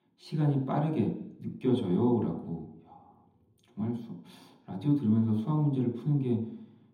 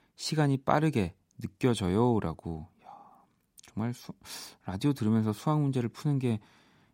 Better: second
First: room echo; noticeable; dies away in 0.8 s // off-mic speech; far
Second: none

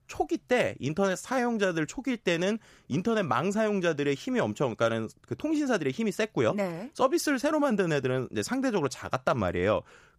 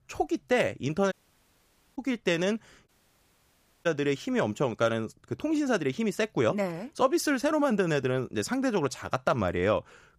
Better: first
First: none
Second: audio cutting out; at 1 s for 1 s and at 3 s for 1 s

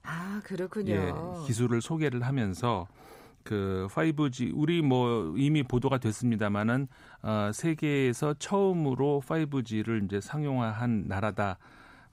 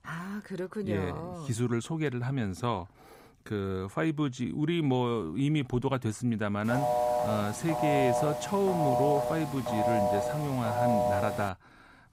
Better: first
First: none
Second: phone ringing; loud; from 6.5 to 11 s; peak 4 dB above the speech

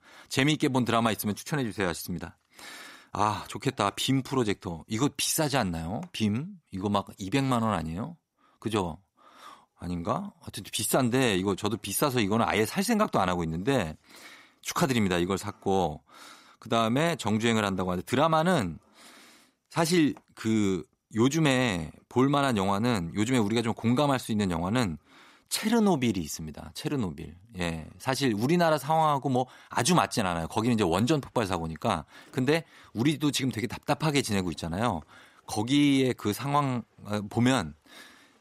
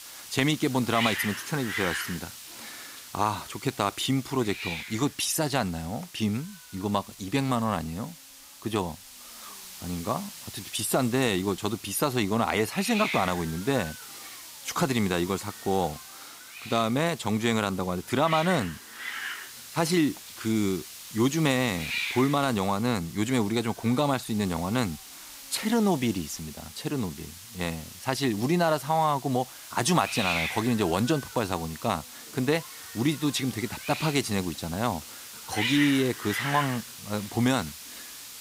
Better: first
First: none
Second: hiss; loud; throughout; 9 dB below the speech

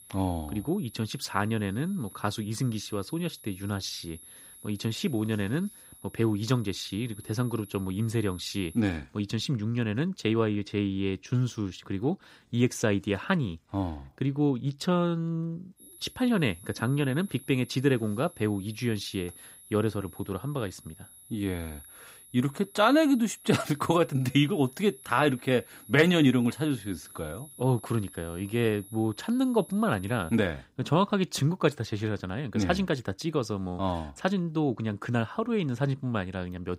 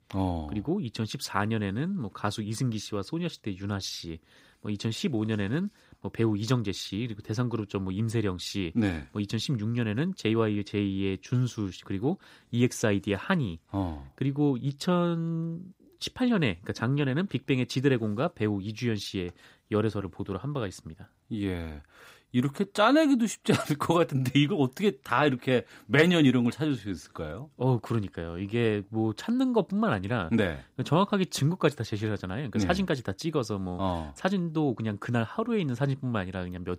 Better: second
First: high-pitched whine; noticeable; until 9 s and from 16 to 30 s; 11 kHz, 20 dB below the speech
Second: none

